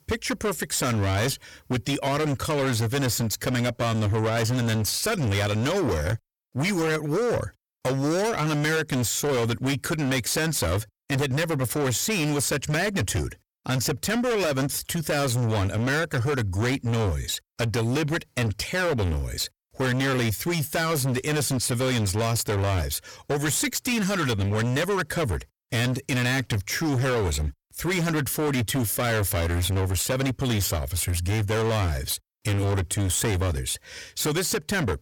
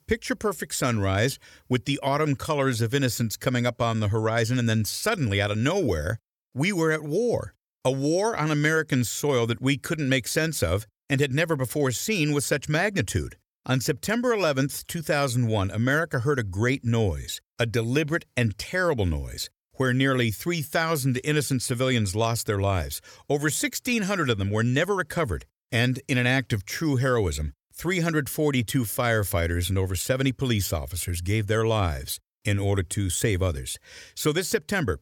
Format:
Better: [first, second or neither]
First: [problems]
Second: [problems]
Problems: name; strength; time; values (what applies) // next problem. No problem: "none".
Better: second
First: distortion; heavy; 29% of the sound clipped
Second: none